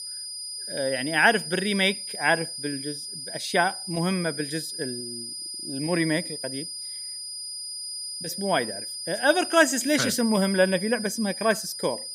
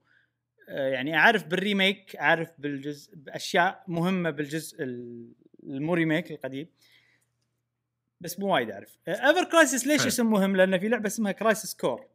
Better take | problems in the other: second | high-pitched whine; loud; throughout; 5 kHz, 7 dB below the speech

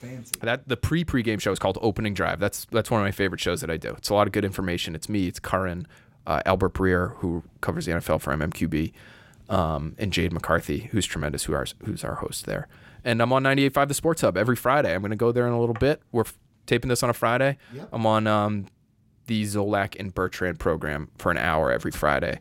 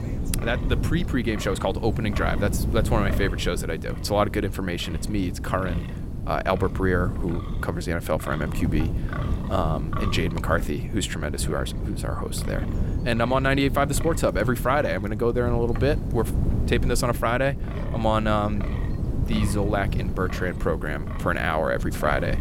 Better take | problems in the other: first | wind noise on the microphone; occasional gusts; 10 dB below the speech

